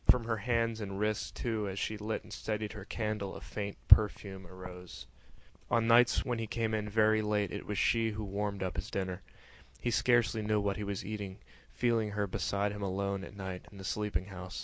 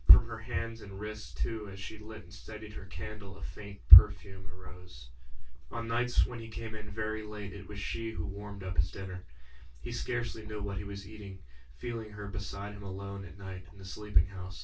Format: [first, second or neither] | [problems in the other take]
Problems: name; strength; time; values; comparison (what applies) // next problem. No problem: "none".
first | room echo; dies away in 0.1 s